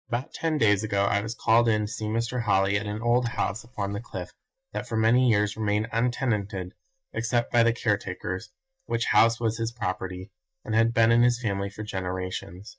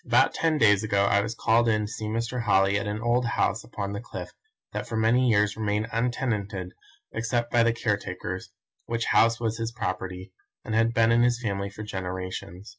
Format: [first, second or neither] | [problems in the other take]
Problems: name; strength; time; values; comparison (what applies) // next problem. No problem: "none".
second | noise reduction (neural mask model DeepFilterNet 3)